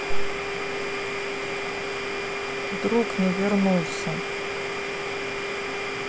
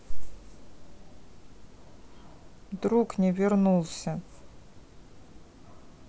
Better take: second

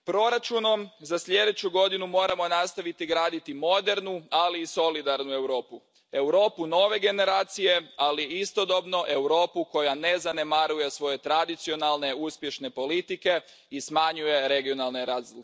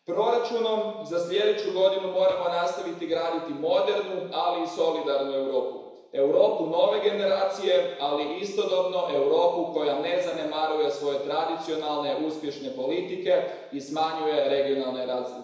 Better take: first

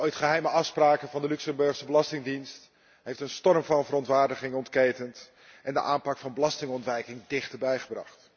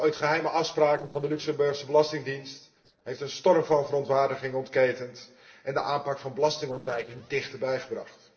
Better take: first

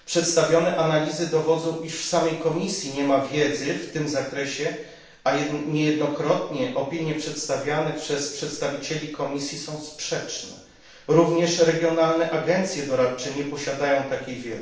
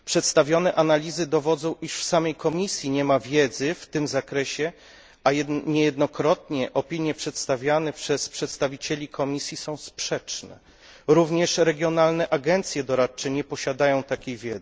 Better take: second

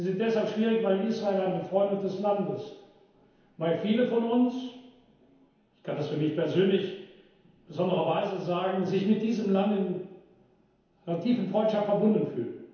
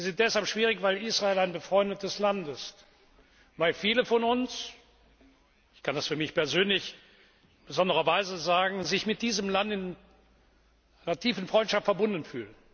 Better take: second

